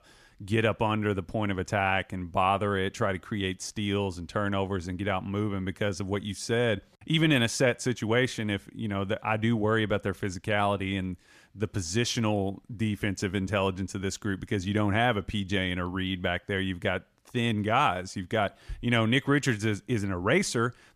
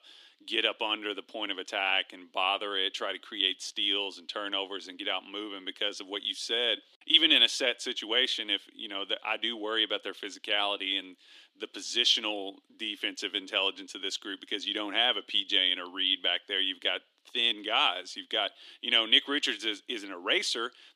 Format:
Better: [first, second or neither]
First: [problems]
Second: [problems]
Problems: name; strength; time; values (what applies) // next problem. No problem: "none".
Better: first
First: none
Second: thin; somewhat; fading below 300 Hz